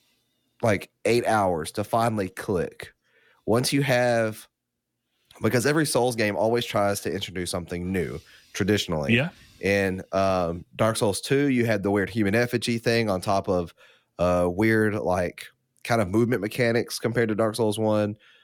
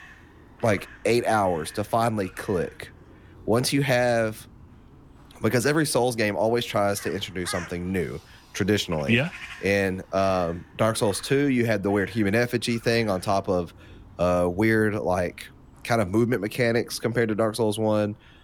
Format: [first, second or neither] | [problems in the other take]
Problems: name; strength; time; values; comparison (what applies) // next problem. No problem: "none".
first | animal sounds; faint; throughout; 20 dB below the speech